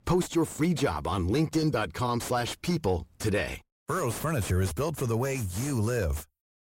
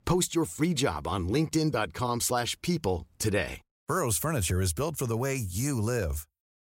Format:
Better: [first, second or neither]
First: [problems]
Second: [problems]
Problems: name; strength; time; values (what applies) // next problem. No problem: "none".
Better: second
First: distortion; slight; 10 dB below the speech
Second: none